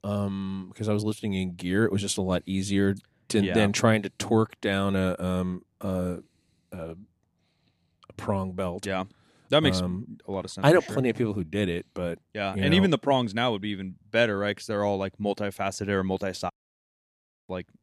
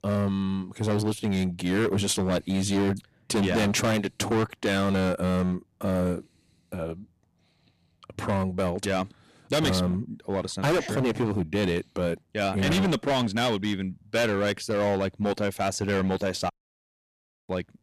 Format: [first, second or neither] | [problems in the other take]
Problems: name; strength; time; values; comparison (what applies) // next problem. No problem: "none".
first | distortion; heavy; 15% of the sound clipped